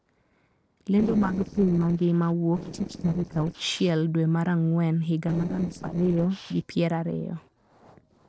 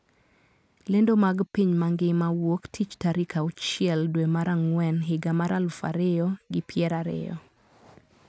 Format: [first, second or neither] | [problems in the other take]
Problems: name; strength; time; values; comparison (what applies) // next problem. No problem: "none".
second | noise reduction (neural separator model SepFormer DNS4)